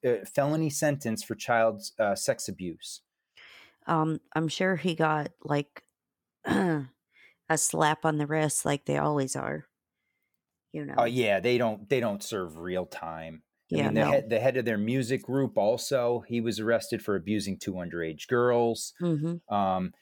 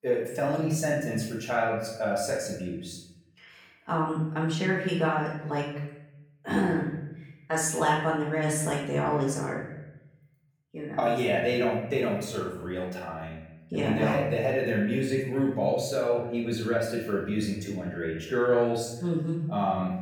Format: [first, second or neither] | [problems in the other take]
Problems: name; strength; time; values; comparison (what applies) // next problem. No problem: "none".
first | off-mic speech; far // room echo; noticeable; dies away in 0.9 s